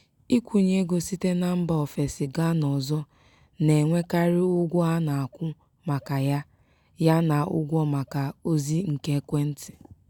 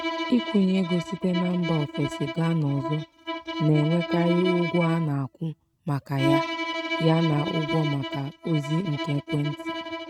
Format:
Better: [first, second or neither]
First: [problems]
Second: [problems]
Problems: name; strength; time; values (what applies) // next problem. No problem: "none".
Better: first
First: none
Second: noise reduction (neural mask model RNNoise)